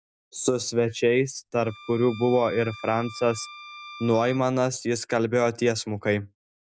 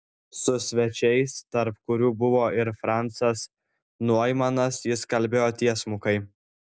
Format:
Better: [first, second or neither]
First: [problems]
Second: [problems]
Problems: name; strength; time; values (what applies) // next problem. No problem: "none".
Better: second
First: background sound (Bowed string instrument); 19 dB below the speech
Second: none